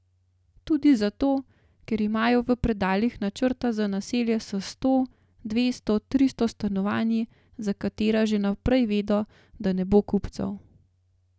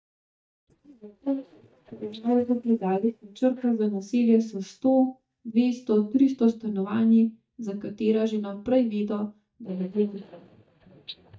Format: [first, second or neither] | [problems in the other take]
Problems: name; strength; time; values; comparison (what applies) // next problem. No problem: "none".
first | noise reduction (neural mask model DeepFilterNet 3)